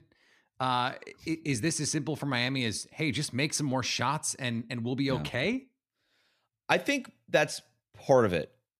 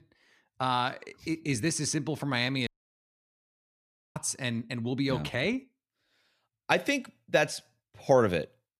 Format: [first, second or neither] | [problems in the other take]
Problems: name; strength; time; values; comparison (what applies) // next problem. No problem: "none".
first | audio cutting out; at 2.5 s for 1.5 s